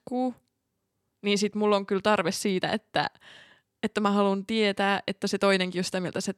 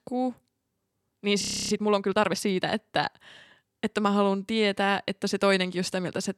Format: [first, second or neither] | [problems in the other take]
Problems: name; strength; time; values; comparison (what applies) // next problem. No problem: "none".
first | audio freezing; at 1.5 s